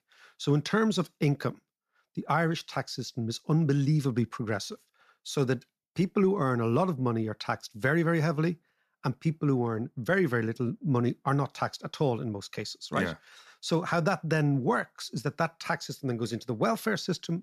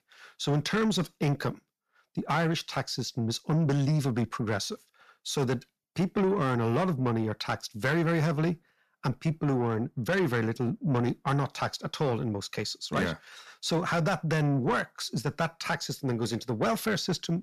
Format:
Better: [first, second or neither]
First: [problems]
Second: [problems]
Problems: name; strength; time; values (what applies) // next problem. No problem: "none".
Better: first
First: none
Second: distortion; slight; 10 dB below the speech